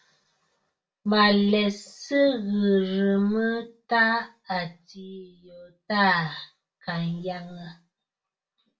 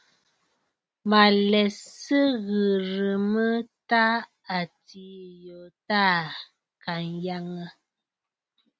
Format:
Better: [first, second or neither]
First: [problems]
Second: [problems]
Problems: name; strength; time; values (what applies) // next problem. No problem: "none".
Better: second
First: room echo; dies away in 0.2 s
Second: none